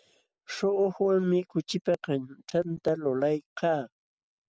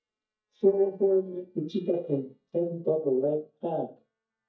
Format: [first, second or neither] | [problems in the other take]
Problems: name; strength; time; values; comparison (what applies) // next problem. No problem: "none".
first | noise reduction (neural mask model DeepFilterNet 3)